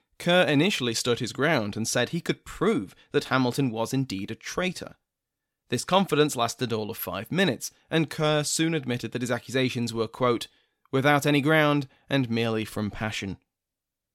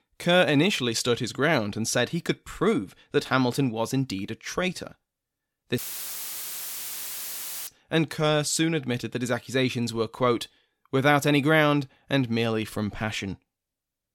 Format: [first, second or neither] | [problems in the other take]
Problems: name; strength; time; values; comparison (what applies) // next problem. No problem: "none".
first | audio cutting out; filled with static; at 6 s for 2 s